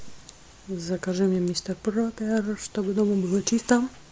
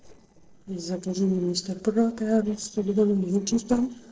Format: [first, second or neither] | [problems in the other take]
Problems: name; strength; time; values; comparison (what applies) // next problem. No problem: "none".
first | noise reduction (neural separator model SepFormer DNS4)